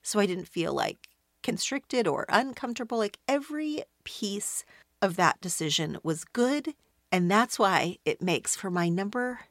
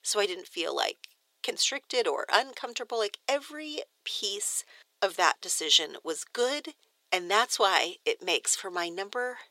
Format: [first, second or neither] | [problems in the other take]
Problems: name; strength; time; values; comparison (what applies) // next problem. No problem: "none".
first | thin; very; fading below 400 Hz